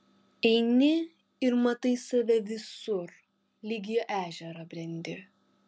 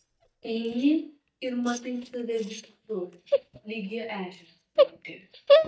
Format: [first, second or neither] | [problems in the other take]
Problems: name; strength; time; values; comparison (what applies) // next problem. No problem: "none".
first | noise reduction (neural mask model DeepFilterNet 3)